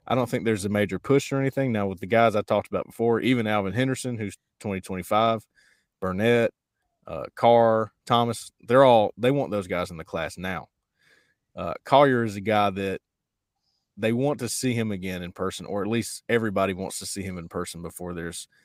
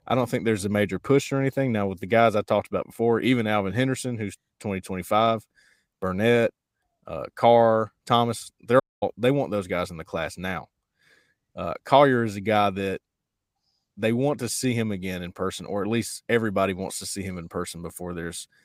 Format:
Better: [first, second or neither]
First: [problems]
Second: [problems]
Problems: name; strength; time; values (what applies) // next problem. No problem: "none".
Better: first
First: none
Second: audio cutting out; at 9 s